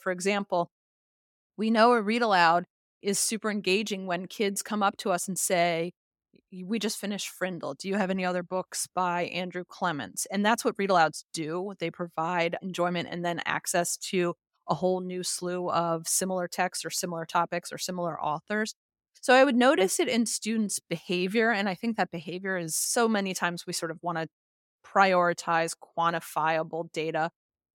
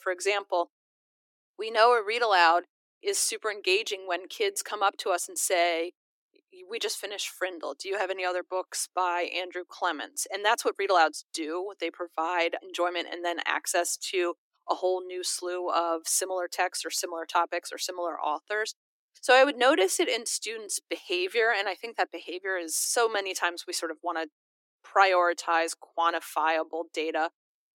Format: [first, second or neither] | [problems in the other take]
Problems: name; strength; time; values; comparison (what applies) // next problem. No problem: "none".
first | thin; very; fading below 300 Hz